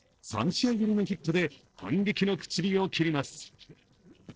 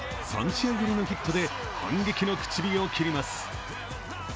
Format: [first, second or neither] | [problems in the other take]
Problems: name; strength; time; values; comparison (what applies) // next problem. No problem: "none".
second | noise reduction (neural separator model SepFormer DNS4)